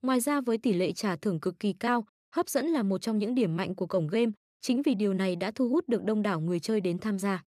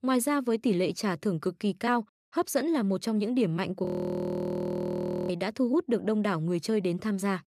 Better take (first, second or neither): first